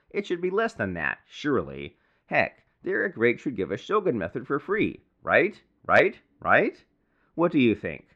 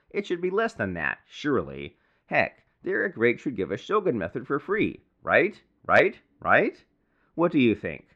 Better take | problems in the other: neither | muffled; very; fading above 2 kHz; the same in both

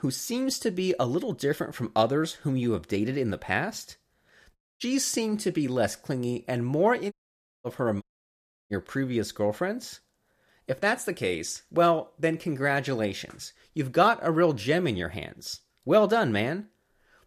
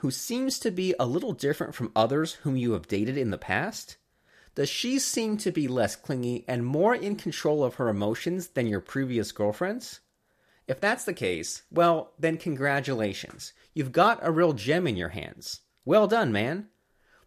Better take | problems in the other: second | audio cutting out; at 4.5 s, at 7 s for 0.5 s and at 8 s for 0.5 s

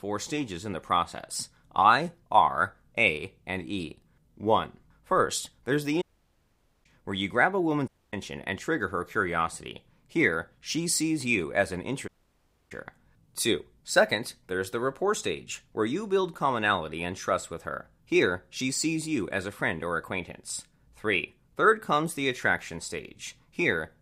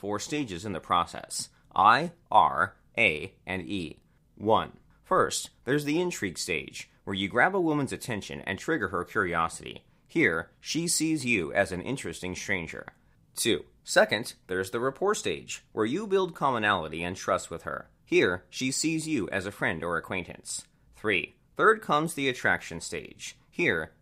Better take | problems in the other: second | audio cutting out; at 6 s for 1 s, at 8 s and at 12 s for 0.5 s

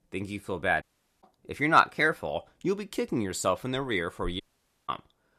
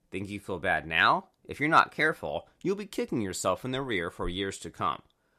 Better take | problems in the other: second | audio cutting out; at 1 s and at 4.5 s

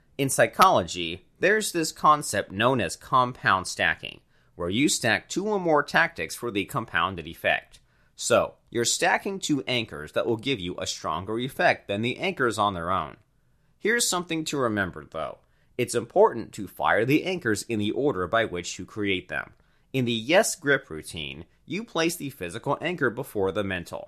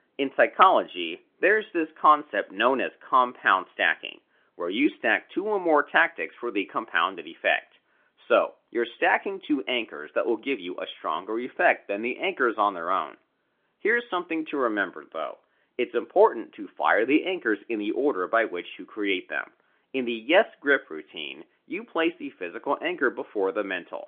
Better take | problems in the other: first | phone-call audio; nothing above 3.5 kHz

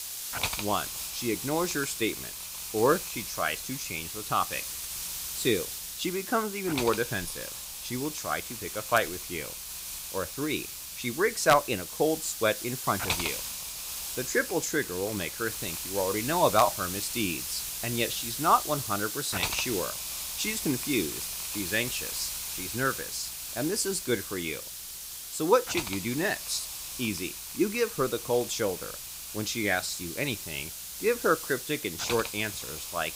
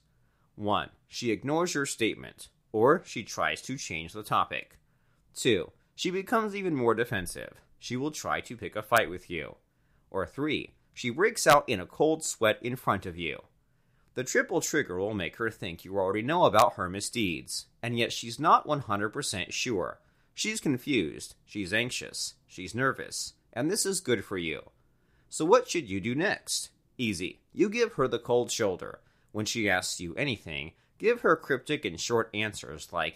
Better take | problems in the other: second | hiss; loud; throughout; 4 dB below the speech

